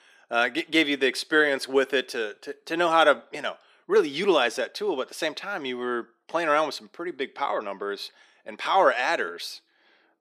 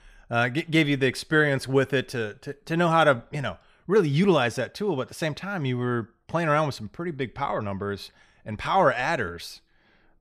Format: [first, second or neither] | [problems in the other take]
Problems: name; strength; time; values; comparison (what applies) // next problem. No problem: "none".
second | thin; somewhat; fading below 300 Hz